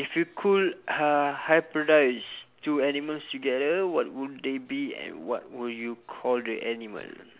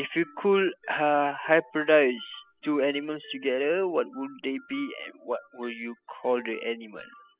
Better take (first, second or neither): first